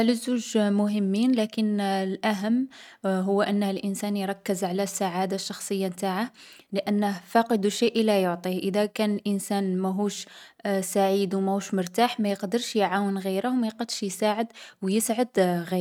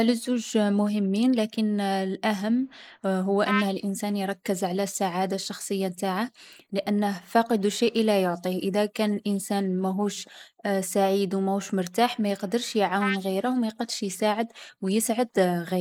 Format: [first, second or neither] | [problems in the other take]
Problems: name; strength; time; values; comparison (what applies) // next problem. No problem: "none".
first | noise reduction (neural mask model Resemble Enhance denoiser)